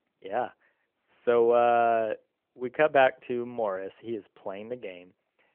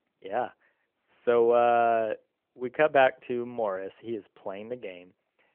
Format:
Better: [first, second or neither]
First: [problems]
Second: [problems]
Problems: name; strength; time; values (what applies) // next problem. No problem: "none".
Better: neither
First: phone-call audio; nothing above 3 kHz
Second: phone-call audio; nothing above 3 kHz